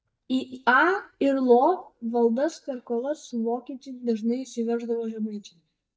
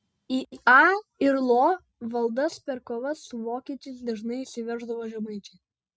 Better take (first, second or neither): second